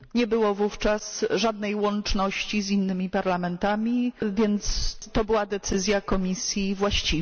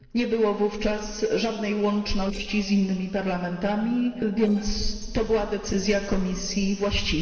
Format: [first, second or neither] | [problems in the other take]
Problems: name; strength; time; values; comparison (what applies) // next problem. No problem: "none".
first | noise reduction (neural separator model SepFormer DNS4)